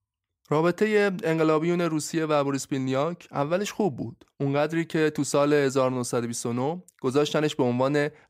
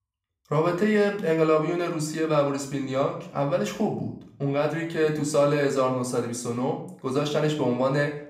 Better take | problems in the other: first | room echo; slight; dies away in 0.5 s // off-mic speech; somewhat distant

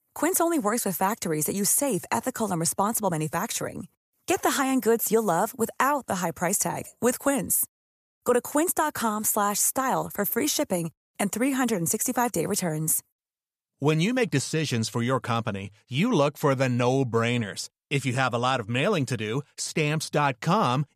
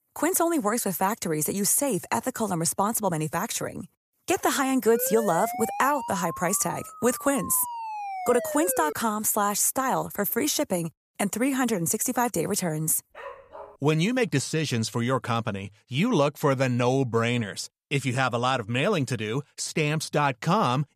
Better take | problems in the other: first | siren; noticeable; from 5 to 9 s; peak 7 dB below the speech // dog barking; faint; at 13 s; peak 15 dB below the speech

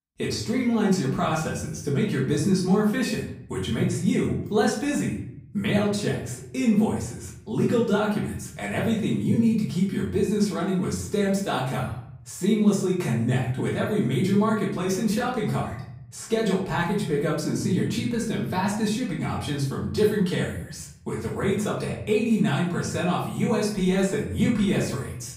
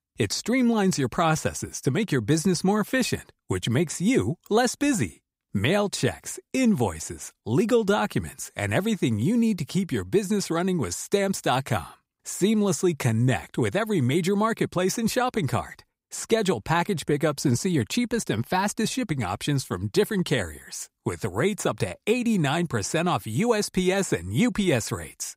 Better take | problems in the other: second | off-mic speech; far // room echo; noticeable; dies away in 0.8 s

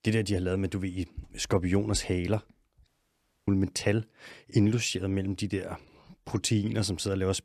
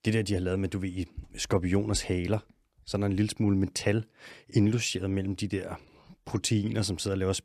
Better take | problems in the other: second | audio cutting out; at 3 s for 0.5 s

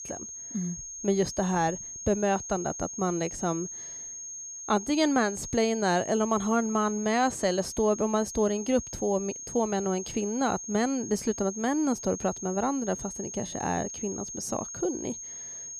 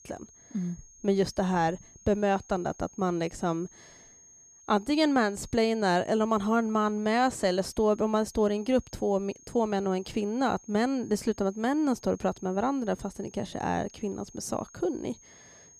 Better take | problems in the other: second | high-pitched whine; loud; throughout; 6.5 kHz, 8 dB below the speech; faint in the second

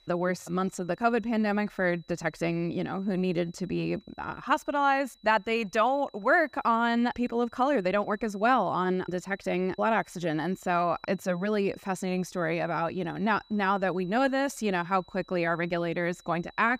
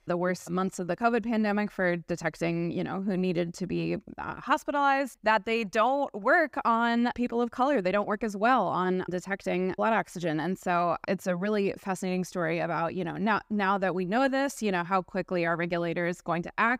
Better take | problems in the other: second | high-pitched whine; faint; throughout; 4 kHz, 30 dB below the speech

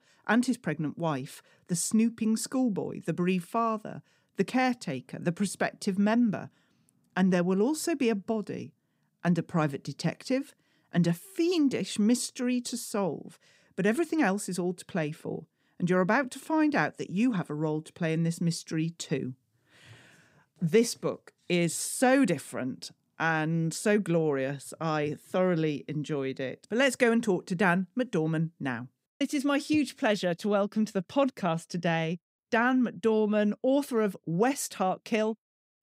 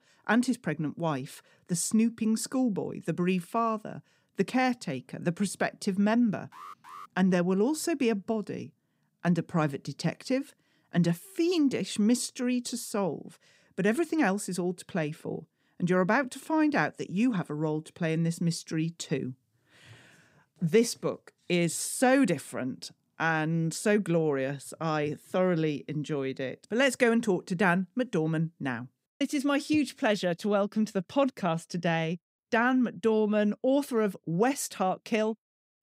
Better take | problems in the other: first | alarm; faint; at 6.5 s; peak 15 dB below the speech

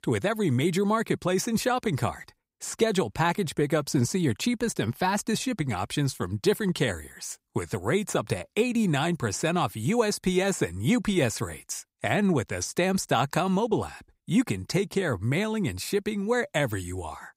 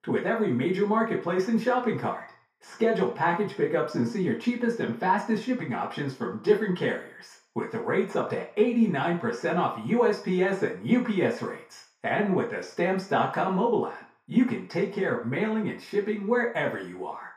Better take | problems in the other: first | room echo; slight; dies away in 0.5 s // off-mic speech; far

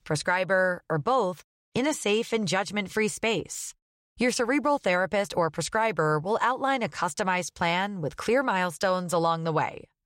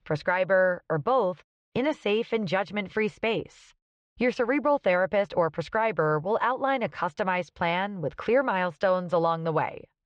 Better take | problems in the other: first | muffled; very; fading above 3.5 kHz

